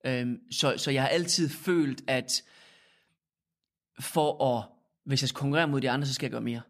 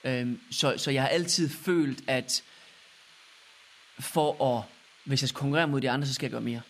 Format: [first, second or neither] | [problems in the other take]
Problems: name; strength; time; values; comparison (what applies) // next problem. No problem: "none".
first | hiss; faint; throughout; 25 dB below the speech